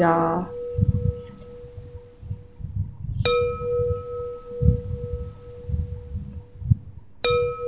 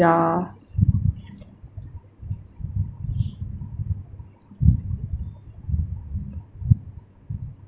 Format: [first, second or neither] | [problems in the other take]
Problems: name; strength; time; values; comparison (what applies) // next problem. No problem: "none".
second | background sound (Chime); 3 dB below the speech